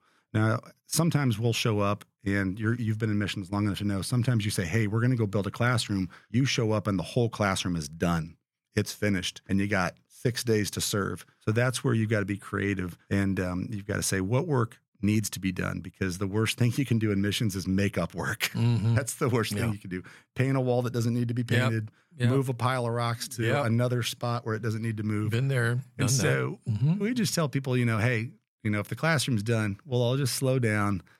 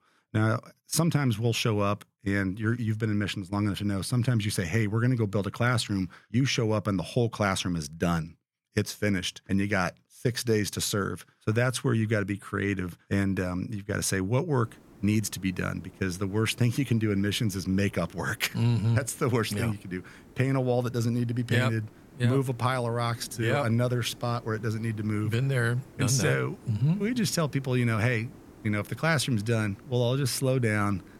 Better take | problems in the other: first | hiss; faint; from 15 s on; 25 dB below the speech

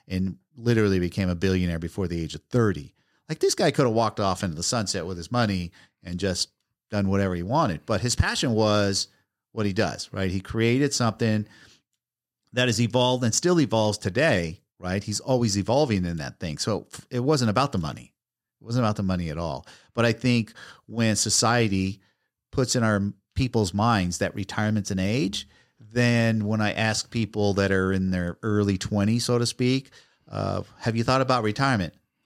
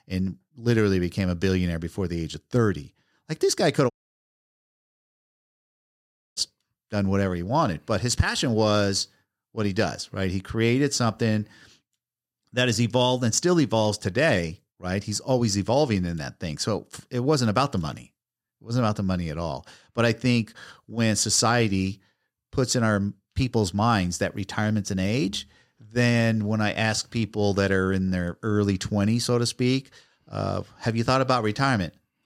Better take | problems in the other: first | audio cutting out; at 4 s for 2.5 s

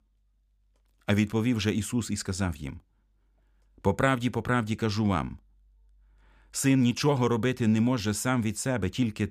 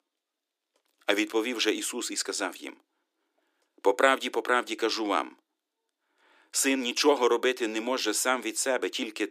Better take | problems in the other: first | thin; very; fading below 300 Hz

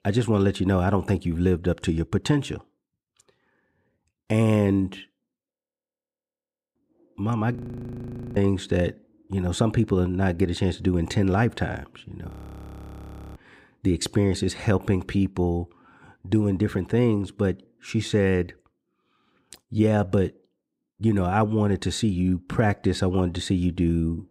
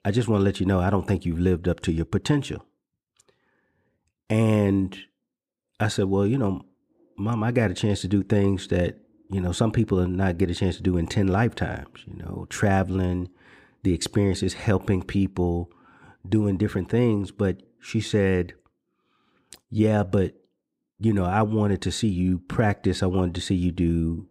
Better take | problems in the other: second | audio freezing; at 5.5 s for 1 s, at 7.5 s for 1 s and at 12 s for 1 s

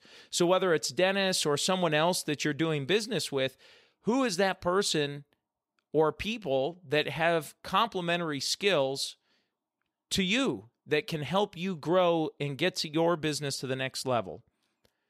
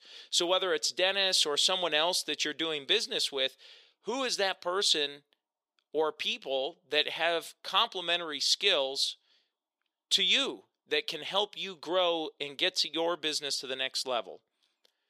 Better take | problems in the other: first | thin; somewhat; fading below 400 Hz

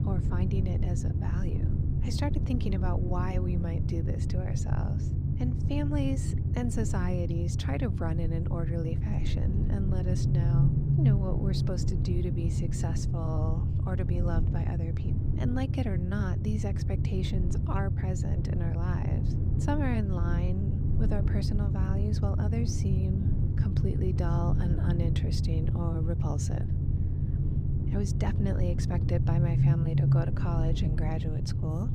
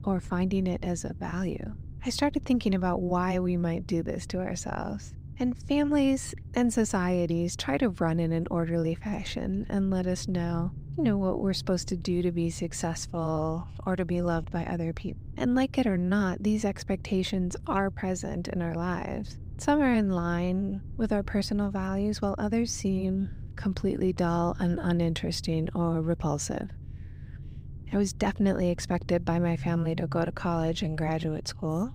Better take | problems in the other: second | low rumble; loud; throughout; 2 dB below the speech; faint in the second

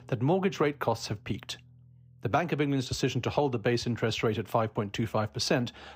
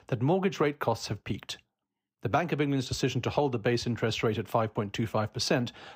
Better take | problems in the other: second | background music; faint; throughout; 30 dB below the speech

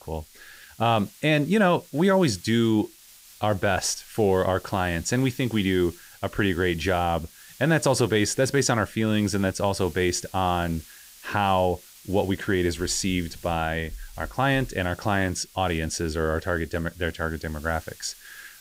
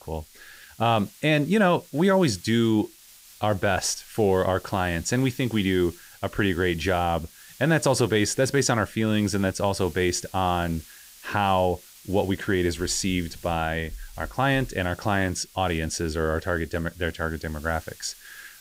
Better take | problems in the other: neither | hiss; faint; throughout; 20 dB below the speech; the same in both

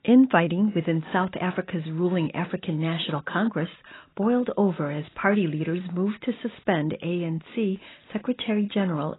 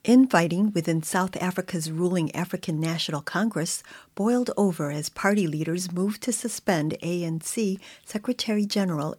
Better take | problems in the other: second | garbled, watery; badly; nothing above 4 kHz

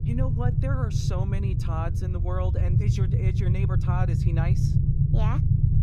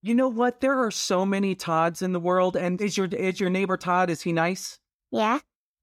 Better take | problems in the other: second | low rumble; loud; throughout; as loud as the speech

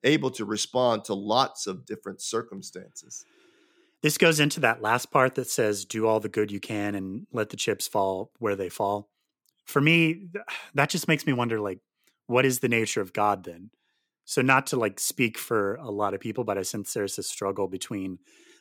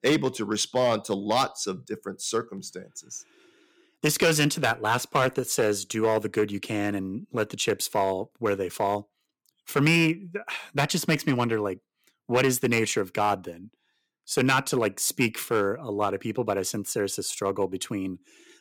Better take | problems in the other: first | distortion; slight; 3% of the sound clipped

